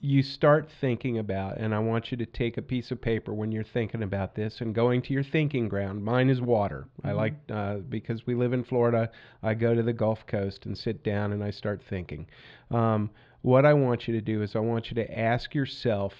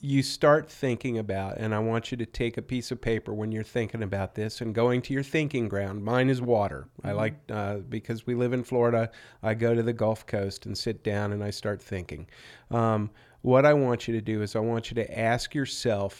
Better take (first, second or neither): second